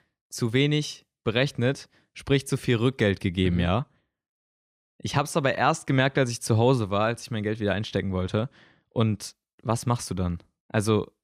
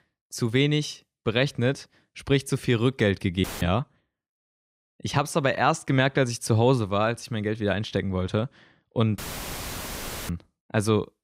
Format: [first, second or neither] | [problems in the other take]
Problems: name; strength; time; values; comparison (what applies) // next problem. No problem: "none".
first | audio cutting out; filled with static; at 3.5 s and at 9 s for 1 s